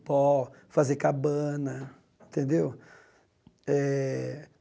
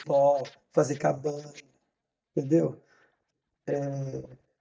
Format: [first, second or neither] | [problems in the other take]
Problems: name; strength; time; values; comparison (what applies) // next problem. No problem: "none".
first | noise reduction (neural mask model DeepFilterNet 3)